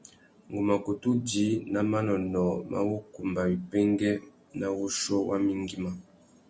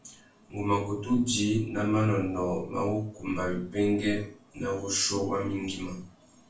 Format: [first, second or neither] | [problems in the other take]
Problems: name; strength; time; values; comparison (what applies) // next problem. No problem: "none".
first | room echo; dies away in 0.3 s